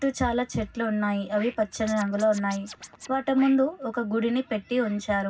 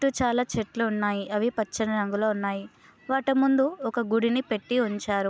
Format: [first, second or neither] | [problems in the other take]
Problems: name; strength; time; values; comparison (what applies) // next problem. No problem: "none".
second | background sound (Scratching (performance technique)); 19 dB below the speech // room echo; dies away in 0.4 s